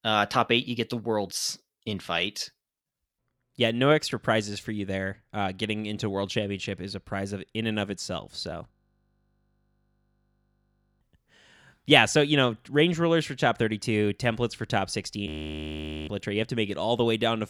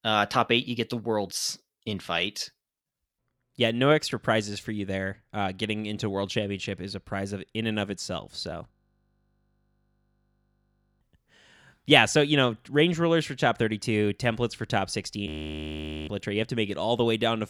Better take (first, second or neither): neither